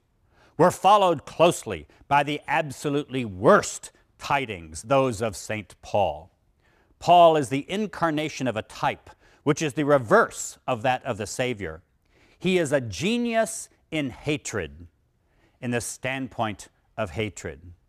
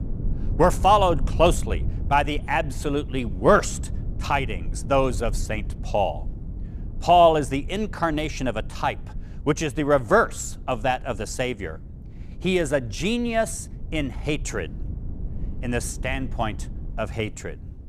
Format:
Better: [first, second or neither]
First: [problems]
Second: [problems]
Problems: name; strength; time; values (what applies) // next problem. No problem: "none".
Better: first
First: none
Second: low rumble; faint; throughout; 25 dB below the speech